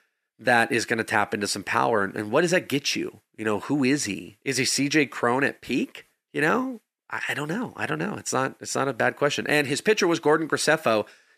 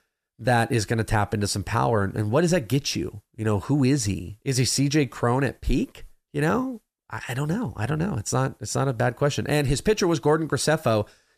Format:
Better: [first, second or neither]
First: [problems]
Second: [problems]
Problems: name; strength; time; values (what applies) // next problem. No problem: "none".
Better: second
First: thin; very slightly; fading below 250 Hz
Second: none